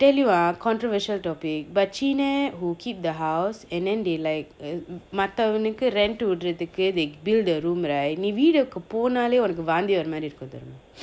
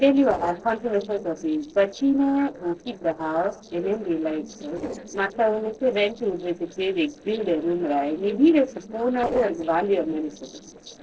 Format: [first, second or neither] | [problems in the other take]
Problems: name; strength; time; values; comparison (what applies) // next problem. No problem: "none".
first | noise reduction (neural separator model SepFormer DNS4)